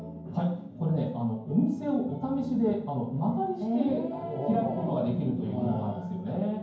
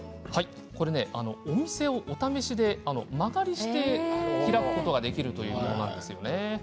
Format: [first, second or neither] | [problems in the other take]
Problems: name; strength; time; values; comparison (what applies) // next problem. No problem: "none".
second | room echo; dies away in 0.9 s